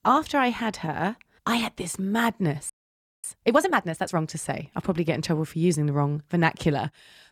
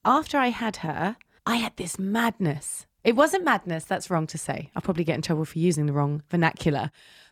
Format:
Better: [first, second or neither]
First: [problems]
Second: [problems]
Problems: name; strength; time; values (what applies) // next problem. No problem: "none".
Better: second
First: audio freezing; at 2.5 s for 0.5 s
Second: none